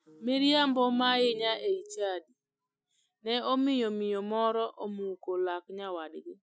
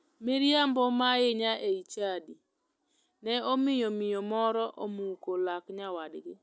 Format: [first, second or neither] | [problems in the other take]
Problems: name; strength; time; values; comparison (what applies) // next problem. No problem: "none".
second | noise reduction (classical method Wiener filter)